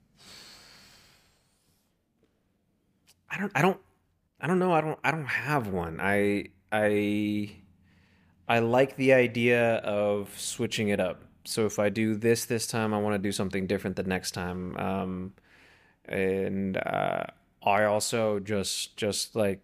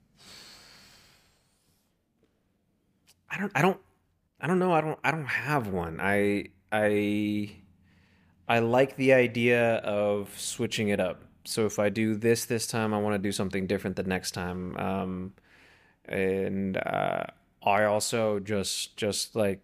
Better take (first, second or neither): neither